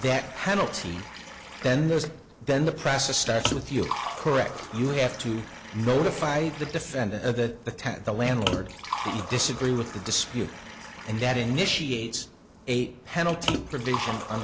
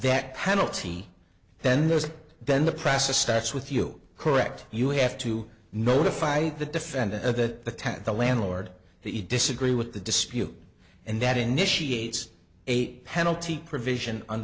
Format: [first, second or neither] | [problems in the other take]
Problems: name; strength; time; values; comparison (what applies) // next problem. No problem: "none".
second | background sound (Liquid); 9 dB below the speech